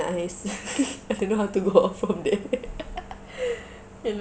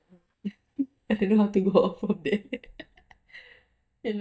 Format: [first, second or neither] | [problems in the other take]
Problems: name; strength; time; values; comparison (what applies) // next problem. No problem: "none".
first | noise reduction (neural mask model DeepFilterNet 3)